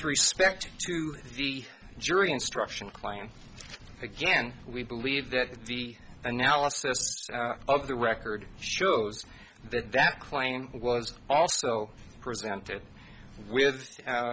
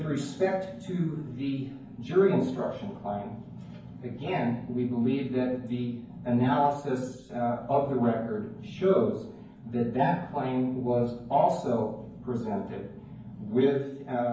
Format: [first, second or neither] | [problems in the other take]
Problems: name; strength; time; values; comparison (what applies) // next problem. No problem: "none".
first | room echo; dies away in 0.9 s